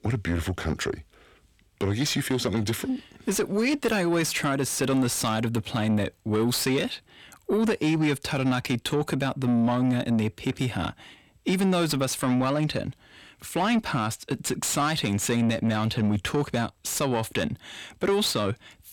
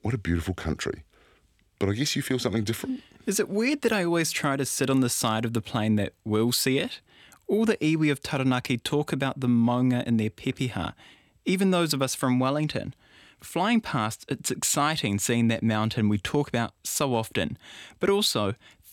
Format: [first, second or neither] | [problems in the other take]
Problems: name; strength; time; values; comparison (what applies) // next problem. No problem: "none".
second | distortion; slight; 10 dB below the speech